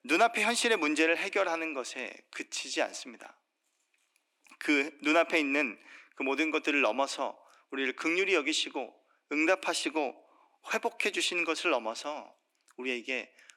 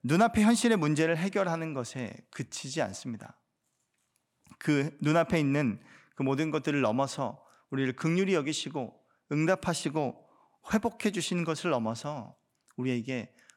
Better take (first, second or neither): second